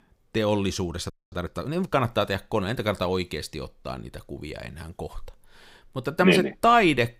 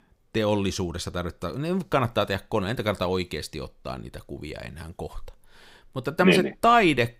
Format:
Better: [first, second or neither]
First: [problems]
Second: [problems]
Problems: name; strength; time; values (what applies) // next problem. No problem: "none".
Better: second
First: audio freezing; at 1 s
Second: none